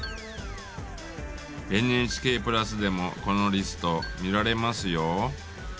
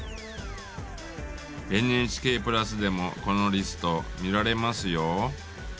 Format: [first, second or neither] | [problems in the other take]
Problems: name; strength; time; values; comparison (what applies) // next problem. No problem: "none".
second | background sound (Marimba, xylophone + Bird); 19 dB below the speech